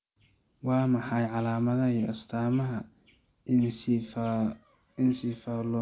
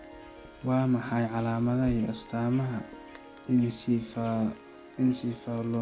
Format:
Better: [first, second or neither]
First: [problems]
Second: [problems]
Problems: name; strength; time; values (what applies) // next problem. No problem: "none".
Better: first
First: none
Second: background sound (Rain + Harp); 17 dB below the speech